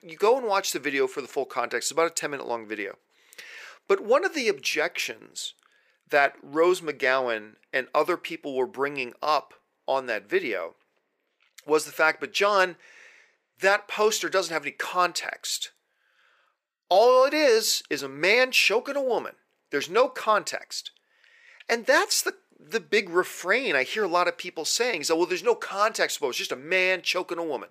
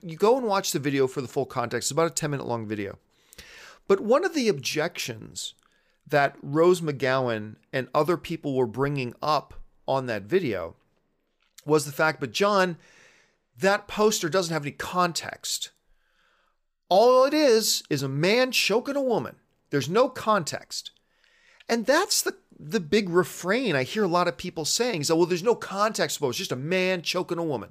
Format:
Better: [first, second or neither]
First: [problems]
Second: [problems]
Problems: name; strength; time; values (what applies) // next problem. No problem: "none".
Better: second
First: thin; somewhat; fading below 400 Hz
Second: none